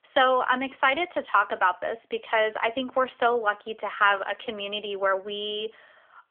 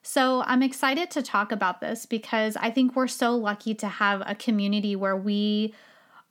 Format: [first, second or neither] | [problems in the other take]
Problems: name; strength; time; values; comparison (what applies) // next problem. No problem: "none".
second | phone-call audio; nothing above 3.5 kHz